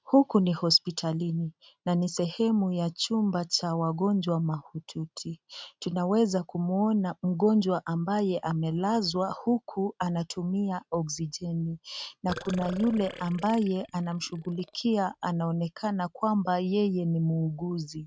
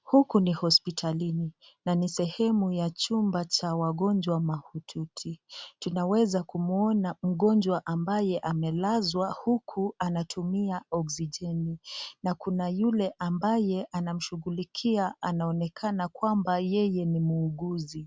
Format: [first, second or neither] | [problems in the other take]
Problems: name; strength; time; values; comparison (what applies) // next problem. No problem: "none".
second | noise reduction (neural mask model RNNoise)